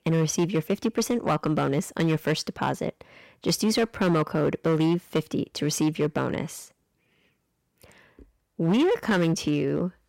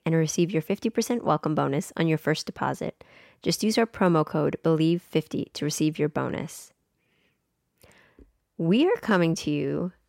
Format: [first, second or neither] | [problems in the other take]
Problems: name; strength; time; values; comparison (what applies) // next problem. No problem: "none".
second | distortion; slight; 7% of the sound clipped